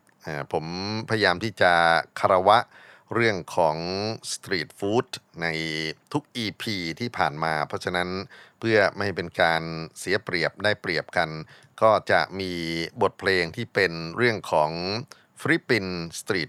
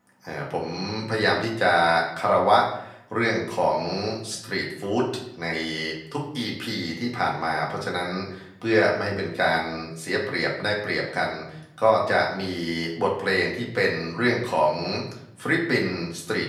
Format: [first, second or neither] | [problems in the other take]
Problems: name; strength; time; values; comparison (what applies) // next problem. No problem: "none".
first | off-mic speech; far // room echo; slight; dies away in 0.6 s